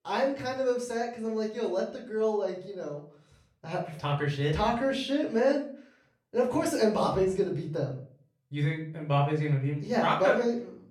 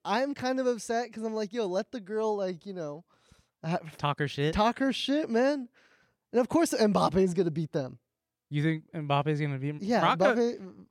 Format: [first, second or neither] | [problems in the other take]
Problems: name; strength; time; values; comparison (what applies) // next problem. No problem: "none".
second | off-mic speech; far // room echo; slight; dies away in 0.4 s